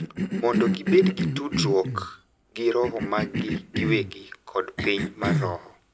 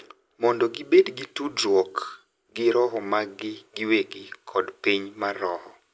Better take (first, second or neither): second